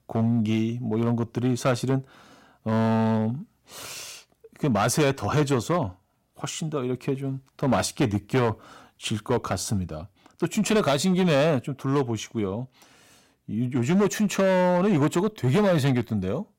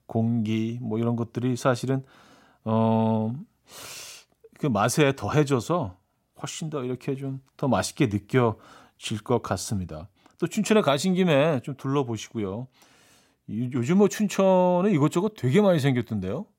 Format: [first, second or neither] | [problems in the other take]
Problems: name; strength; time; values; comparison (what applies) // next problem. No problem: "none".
second | distortion; slight; 7% of the sound clipped